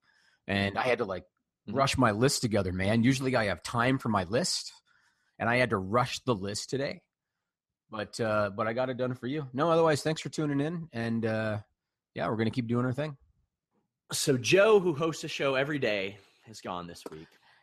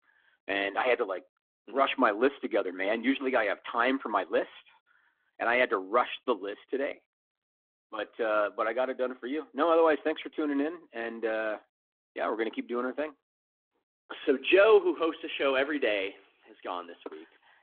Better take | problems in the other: first | phone-call audio

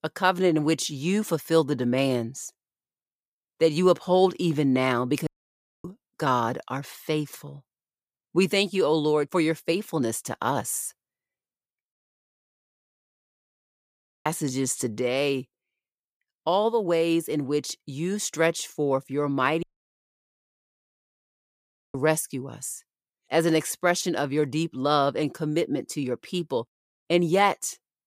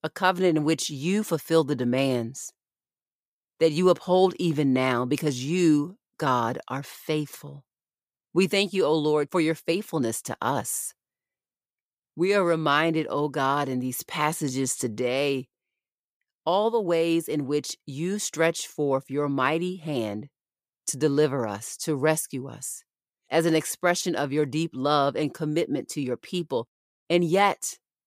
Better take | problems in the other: second | audio cutting out; at 5.5 s for 0.5 s, at 12 s for 2.5 s and at 20 s for 2.5 s

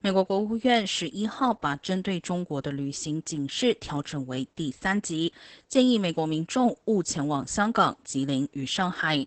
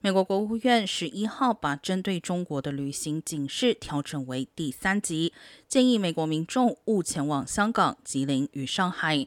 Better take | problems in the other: second | garbled, watery; badly; nothing above 8 kHz

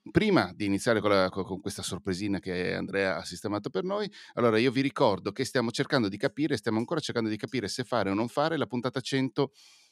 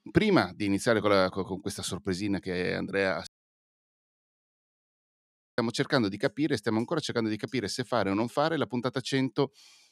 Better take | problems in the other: first | audio cutting out; at 3.5 s for 2.5 s

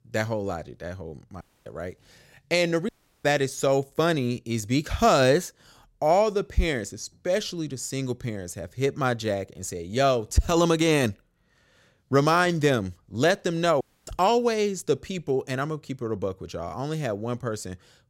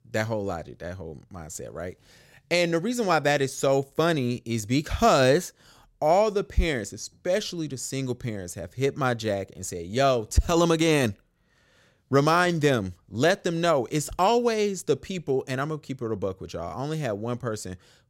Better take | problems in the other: second | audio cutting out; at 1.5 s, at 3 s and at 14 s

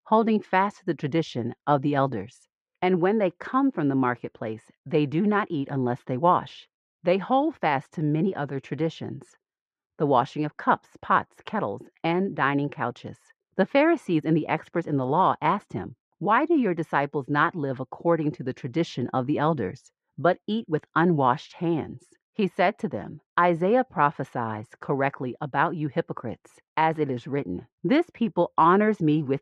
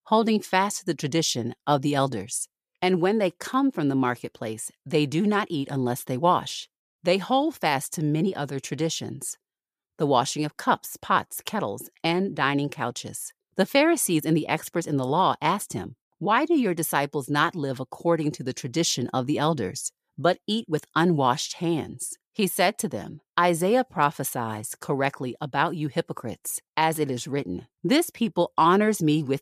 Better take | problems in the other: second | muffled; very; fading above 2 kHz

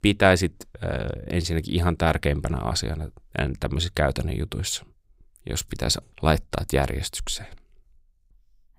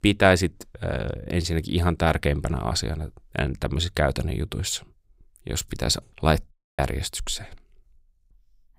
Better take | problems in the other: first | audio cutting out; at 6.5 s

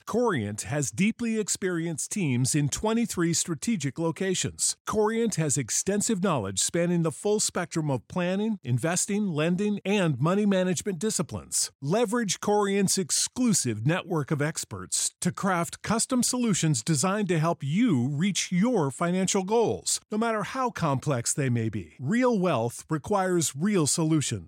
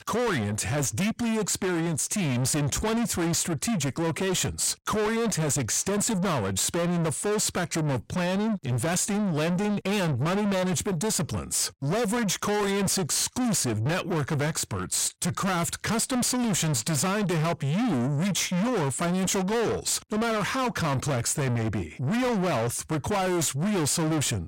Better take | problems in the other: first | distortion; heavy; 6 dB below the speech

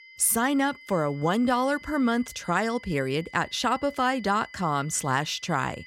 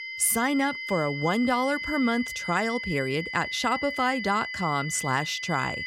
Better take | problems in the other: first | high-pitched whine; loud; throughout; 2 kHz, 6 dB below the speech; faint in the first

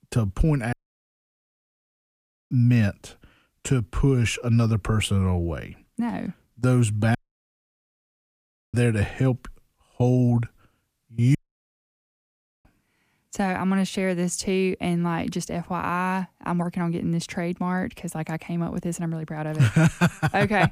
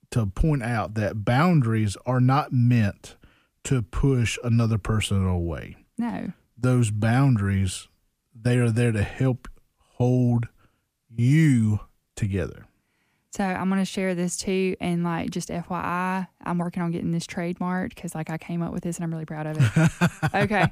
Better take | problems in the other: second | audio cutting out; at 0.5 s for 2 s, at 7 s for 1.5 s and at 11 s for 1.5 s

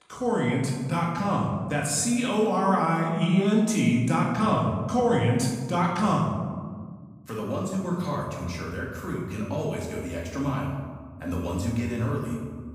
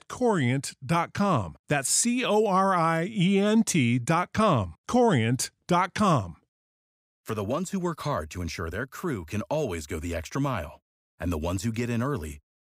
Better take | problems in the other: second | off-mic speech; far // room echo; noticeable; dies away in 1.5 s

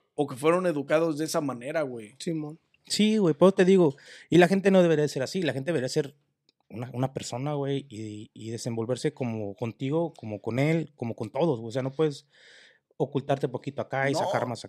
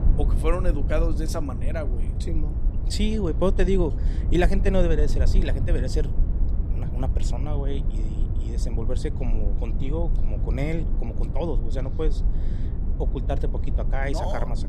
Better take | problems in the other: first | low rumble; noticeable; throughout; 10 dB below the speech

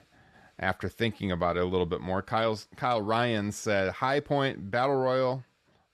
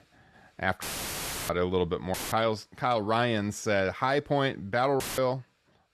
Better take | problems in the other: first | audio cutting out; filled with static; at 1 s for 0.5 s, at 2 s and at 5 s

